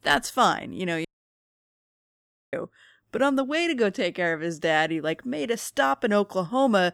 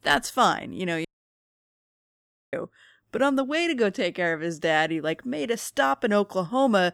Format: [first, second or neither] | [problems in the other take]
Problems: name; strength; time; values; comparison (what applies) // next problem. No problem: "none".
neither | audio cutting out; at 1 s for 1.5 s; the same in both